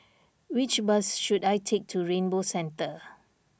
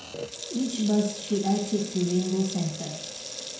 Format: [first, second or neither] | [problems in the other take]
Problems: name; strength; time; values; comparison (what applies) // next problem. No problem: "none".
first | background sound (Sink (filling or washing) / Water tap, faucet); 10 dB below the speech // room echo; dies away in 0.6 s